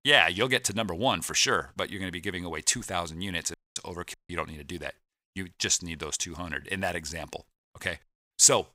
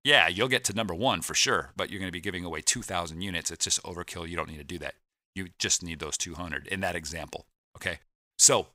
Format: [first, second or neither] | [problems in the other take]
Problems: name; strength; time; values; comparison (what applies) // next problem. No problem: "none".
second | audio cutting out; at 3.5 s and at 4 s